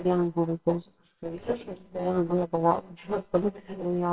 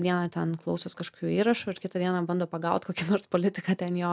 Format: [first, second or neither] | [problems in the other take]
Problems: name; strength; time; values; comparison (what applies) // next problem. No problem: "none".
second | noise reduction (neural separator model SepFormer WHAMR!)